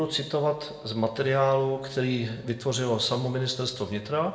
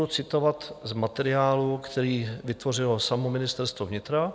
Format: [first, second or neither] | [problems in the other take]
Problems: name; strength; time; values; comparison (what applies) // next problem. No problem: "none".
second | room echo; dies away in 0.7 s